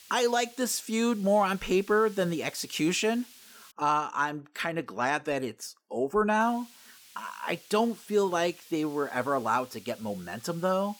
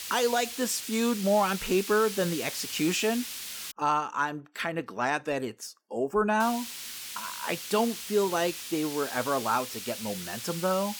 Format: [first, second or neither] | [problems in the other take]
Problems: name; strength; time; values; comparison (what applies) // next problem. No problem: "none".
first | hiss; loud; until 3.5 s and from 6.5 s on; 8 dB below the speech; faint in the first